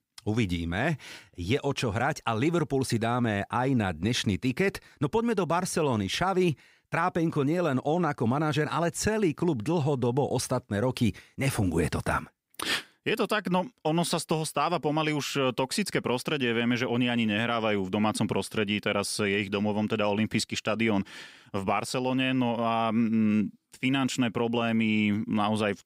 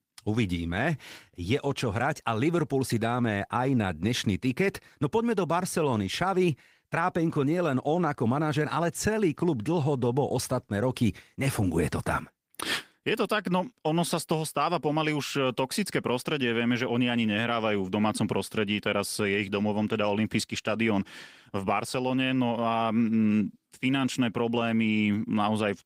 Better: first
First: none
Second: garbled, watery; slightly; nothing above 15.5 kHz

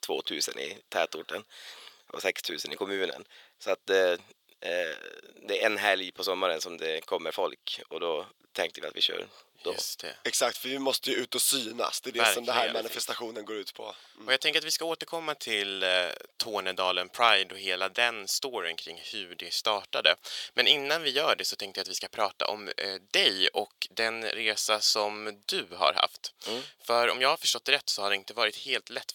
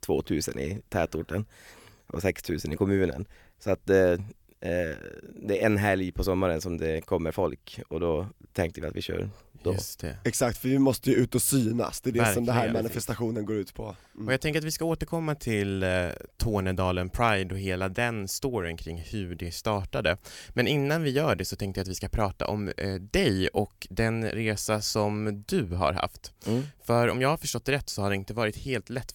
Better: second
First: thin; very; fading below 600 Hz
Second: none

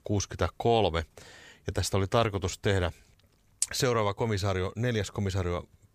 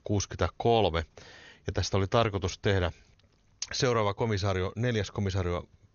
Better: first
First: none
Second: garbled, watery; slightly; nothing above 6.5 kHz

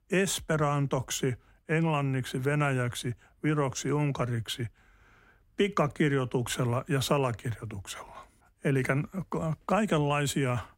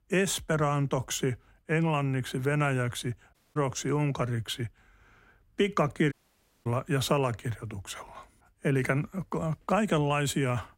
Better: first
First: none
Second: audio cutting out; at 3.5 s and at 6 s for 0.5 s

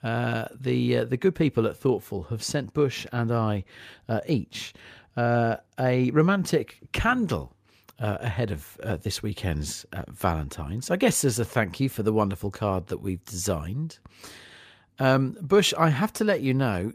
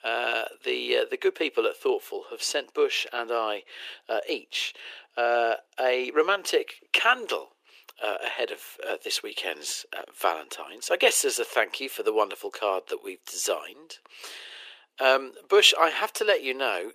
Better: first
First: none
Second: thin; very; fading below 400 Hz

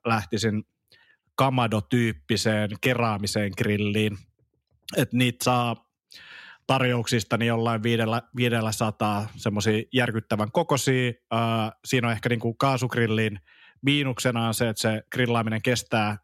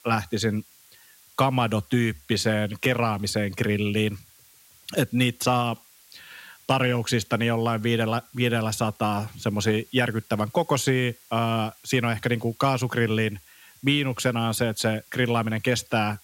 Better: first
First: none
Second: hiss; faint; throughout; 25 dB below the speech

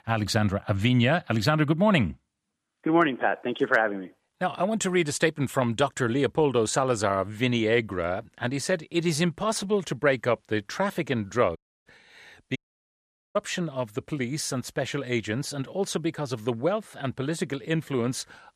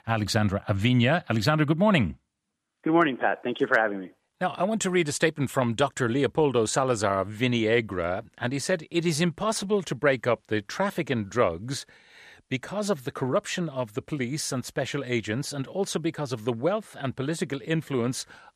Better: second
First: audio cutting out; at 12 s and at 13 s for 1 s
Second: none

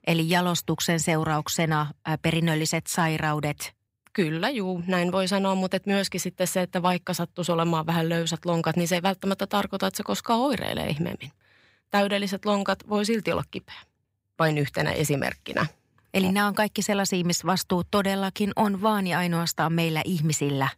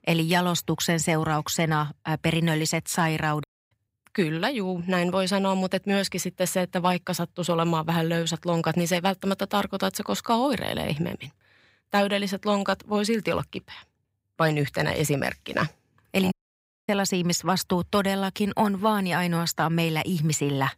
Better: first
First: none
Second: audio cutting out; at 3.5 s and at 16 s for 0.5 s

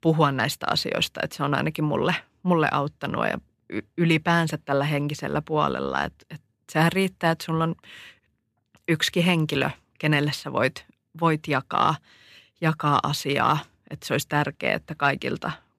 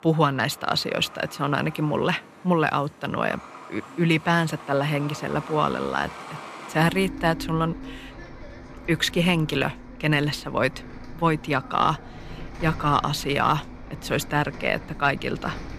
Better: first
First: none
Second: traffic noise; noticeable; throughout; 15 dB below the speech

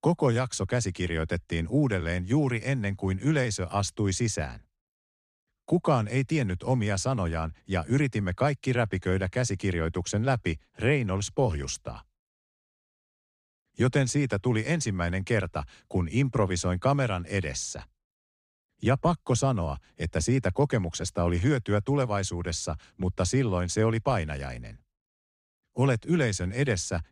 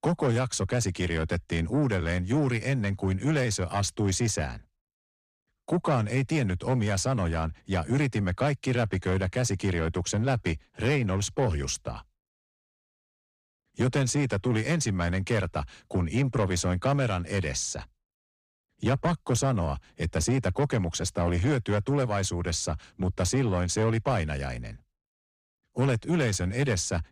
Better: first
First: none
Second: distortion; slight; 10 dB below the speech

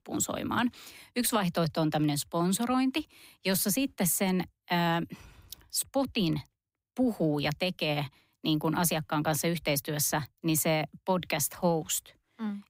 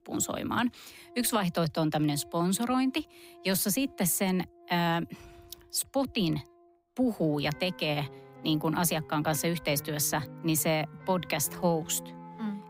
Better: first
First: none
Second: background music; noticeable; throughout; 20 dB below the speech

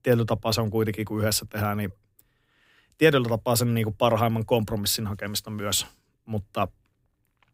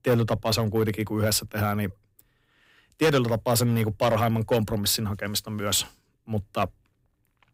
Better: first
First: none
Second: distortion; slight; 3% of the sound clipped

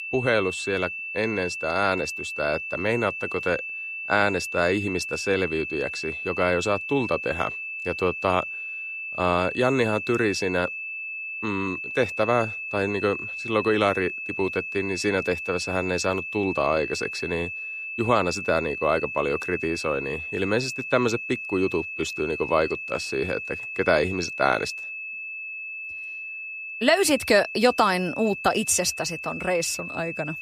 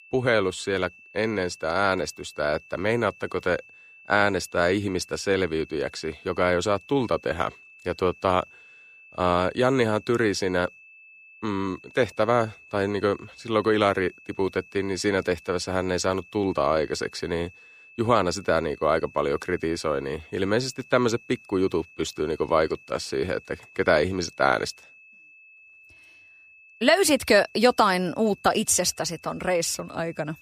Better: second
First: high-pitched whine; loud; throughout; 2.5 kHz, 6 dB below the speech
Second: high-pitched whine; faint; throughout; 2.5 kHz, 25 dB below the speech

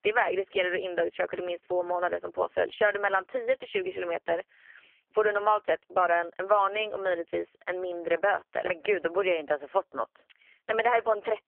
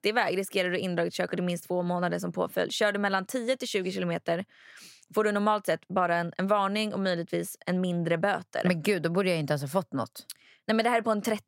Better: second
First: phone-call audio; poor line; nothing above 3 kHz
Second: none

